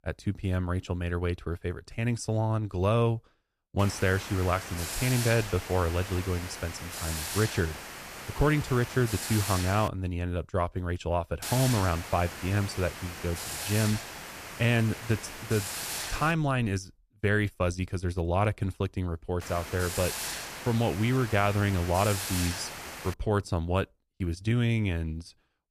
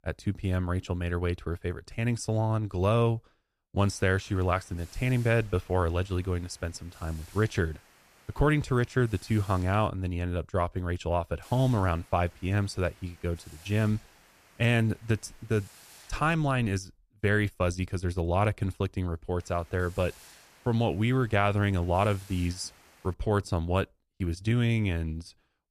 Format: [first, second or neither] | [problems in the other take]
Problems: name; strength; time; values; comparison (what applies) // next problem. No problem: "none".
second | hiss; loud; from 4 to 10 s, from 11 to 16 s and from 19 to 23 s; 7 dB below the speech; faint in the second